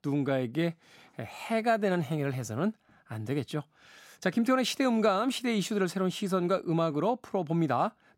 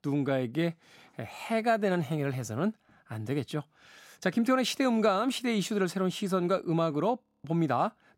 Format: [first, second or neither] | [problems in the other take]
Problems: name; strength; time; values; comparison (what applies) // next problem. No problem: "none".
first | audio freezing; at 7 s